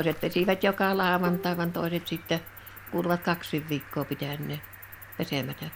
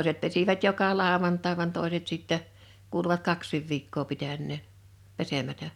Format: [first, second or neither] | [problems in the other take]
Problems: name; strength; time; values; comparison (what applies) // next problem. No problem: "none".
second | background sound (Bowed string instrument + Cricket); 15 dB below the speech